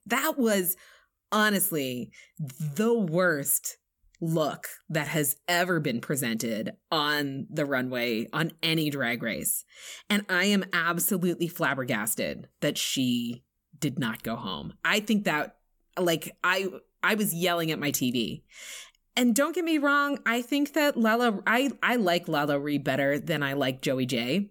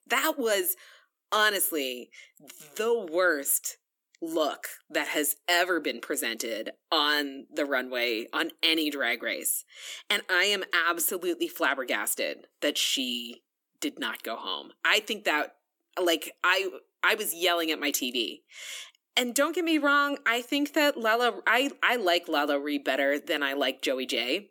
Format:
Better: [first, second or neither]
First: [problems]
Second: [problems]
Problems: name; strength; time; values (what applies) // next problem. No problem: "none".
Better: first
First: none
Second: thin; somewhat; fading below 300 Hz